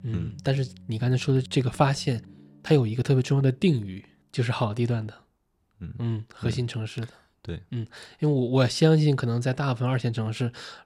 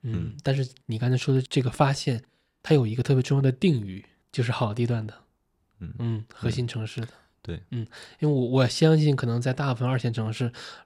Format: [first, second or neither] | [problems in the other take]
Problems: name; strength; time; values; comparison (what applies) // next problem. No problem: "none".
second | background music; faint; until 4 s; 25 dB below the speech